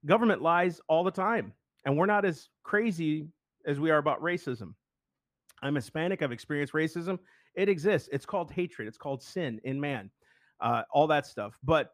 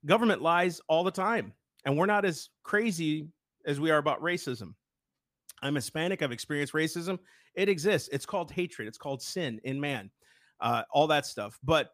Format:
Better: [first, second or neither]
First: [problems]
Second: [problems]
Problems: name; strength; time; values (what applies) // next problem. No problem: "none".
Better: second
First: muffled; slightly; fading above 3 kHz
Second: none